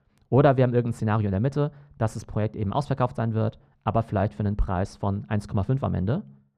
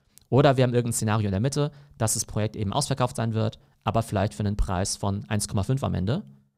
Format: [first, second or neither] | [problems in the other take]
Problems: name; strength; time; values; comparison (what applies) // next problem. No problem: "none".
second | muffled; very; fading above 4 kHz